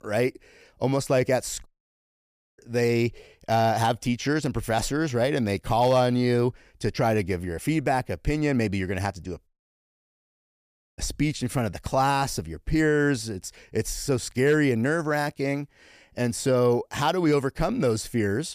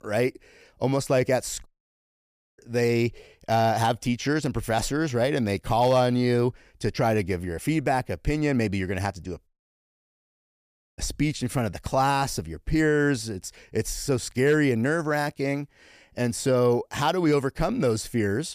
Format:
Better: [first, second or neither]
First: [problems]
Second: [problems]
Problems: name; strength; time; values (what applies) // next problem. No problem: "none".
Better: neither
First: audio cutting out; at 1.5 s for 1 s and at 9.5 s for 1.5 s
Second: audio cutting out; at 1.5 s for 1 s and at 9.5 s for 1.5 s